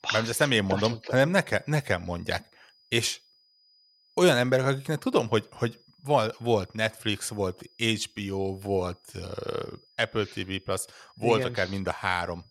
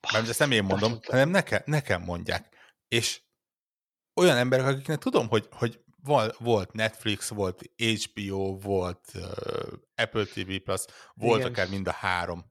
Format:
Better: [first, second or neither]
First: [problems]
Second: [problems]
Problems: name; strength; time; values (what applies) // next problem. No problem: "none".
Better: second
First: high-pitched whine; faint; throughout; 5 kHz, 30 dB below the speech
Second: none